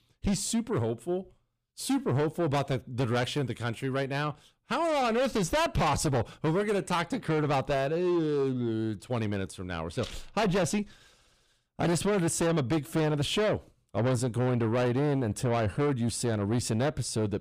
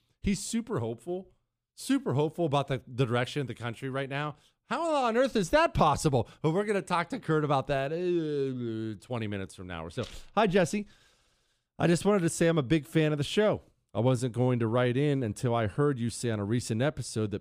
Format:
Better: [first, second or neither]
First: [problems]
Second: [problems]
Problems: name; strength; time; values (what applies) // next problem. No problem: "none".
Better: second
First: distortion; heavy; 7 dB below the speech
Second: none